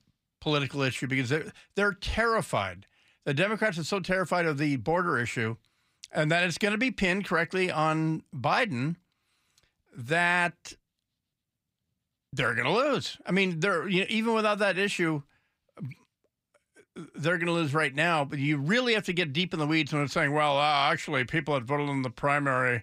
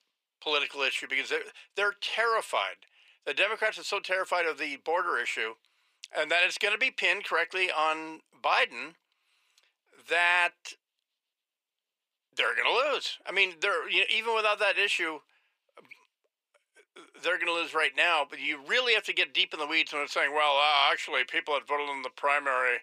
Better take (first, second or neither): first